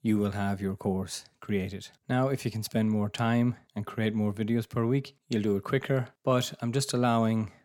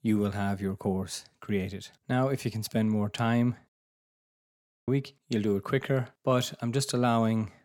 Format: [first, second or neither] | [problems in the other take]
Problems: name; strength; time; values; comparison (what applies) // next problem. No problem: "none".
first | audio cutting out; at 3.5 s for 1 s